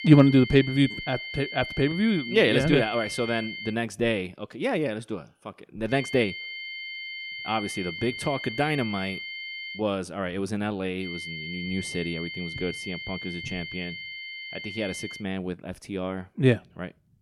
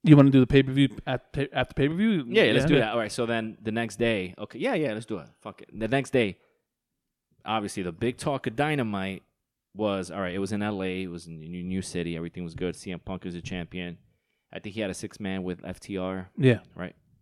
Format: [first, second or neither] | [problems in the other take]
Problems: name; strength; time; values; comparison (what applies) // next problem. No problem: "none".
second | high-pitched whine; loud; until 3.5 s, from 6 to 10 s and from 11 to 15 s; 2 kHz, 8 dB below the speech